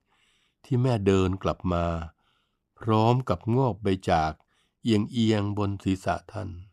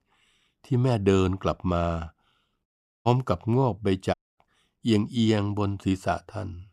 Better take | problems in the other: first | audio cutting out; at 2.5 s and at 4 s

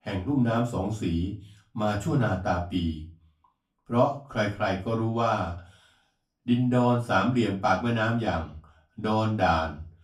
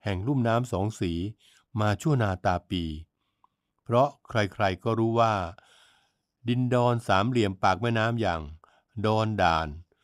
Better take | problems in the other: second | off-mic speech; far // room echo; slight; dies away in 0.3 s

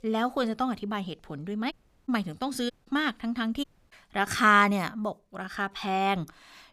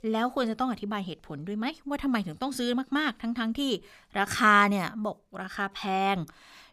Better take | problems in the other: second | audio cutting out; at 1.5 s, at 2.5 s and at 3.5 s

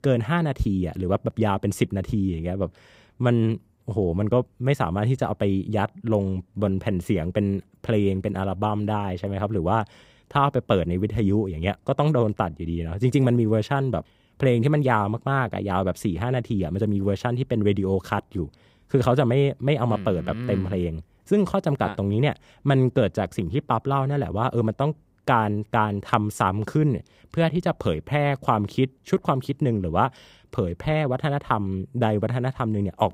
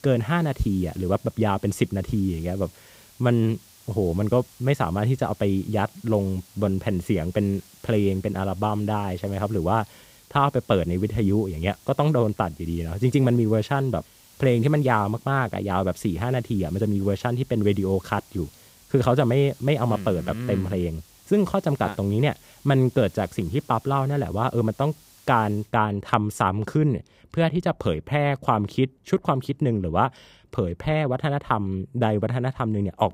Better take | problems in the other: first | hiss; faint; until 26 s; 25 dB below the speech

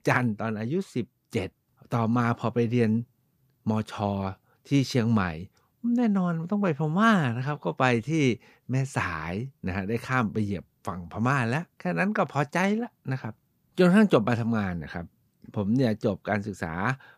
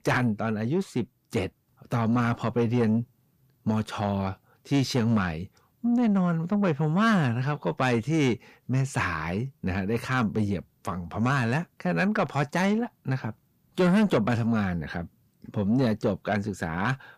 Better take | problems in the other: first | distortion; slight; 10 dB below the speech

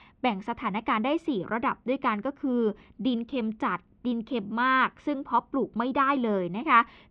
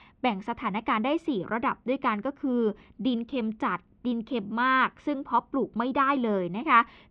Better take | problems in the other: neither | muffled; very; fading above 3 kHz; the same in both

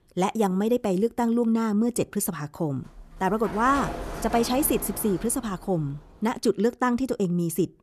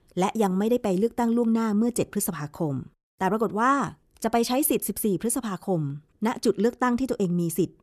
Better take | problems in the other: second | door banging; noticeable; from 3 to 6 s; peak 8 dB below the speech

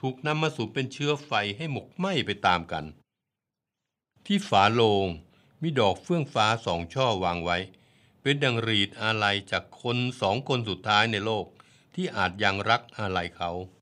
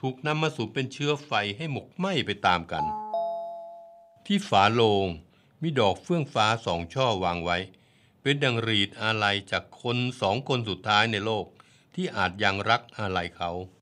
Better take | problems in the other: first | phone ringing; noticeable; from 3 to 4 s; peak 4 dB below the speech

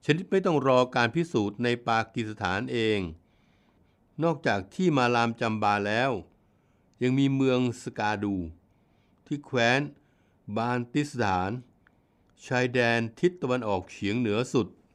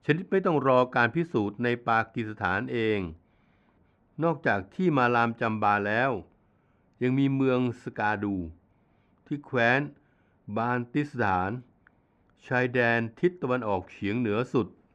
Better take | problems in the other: first | muffled; slightly; fading above 4 kHz

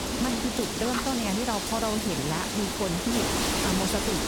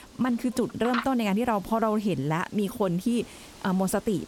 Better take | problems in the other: second | wind noise on the microphone; heavy; 3 dB above the speech; occasional gusts in the second

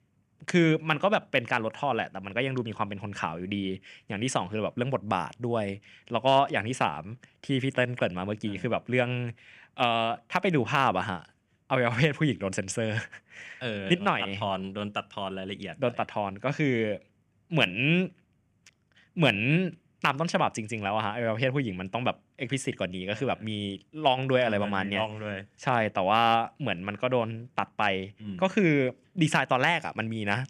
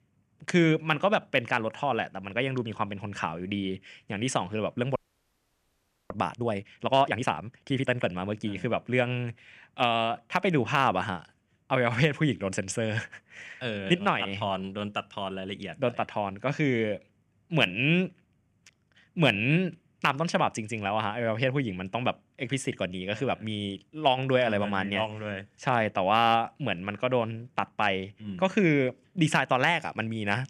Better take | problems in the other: first | audio freezing; at 5 s for 1 s

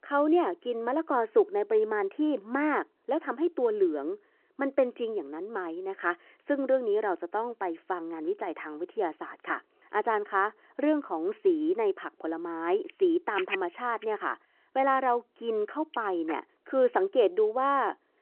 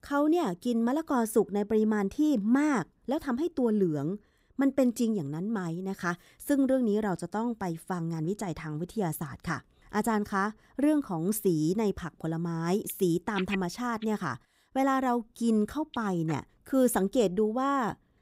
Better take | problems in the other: second | phone-call audio

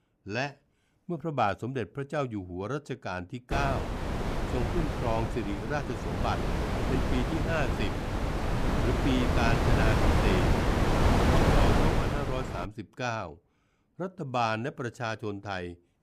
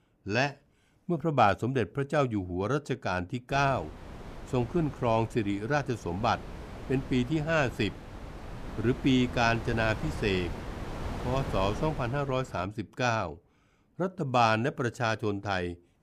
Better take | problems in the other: second | wind noise on the microphone; heavy; from 3.5 to 13 s; 2 dB above the speech; occasional gusts in the second

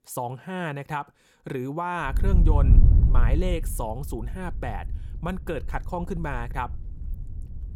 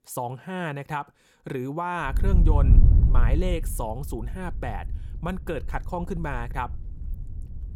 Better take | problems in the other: neither | wind noise on the microphone; heavy; from 2 s on; 8 dB below the speech; the same in both

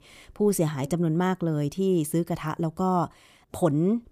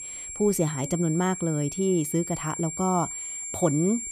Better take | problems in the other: first | high-pitched whine; loud; throughout; 7.5 kHz, 7 dB below the speech

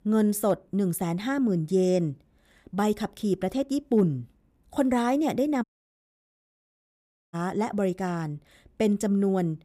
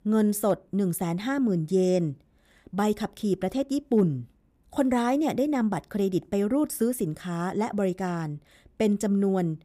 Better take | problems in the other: second | audio cutting out; at 5.5 s for 1.5 s

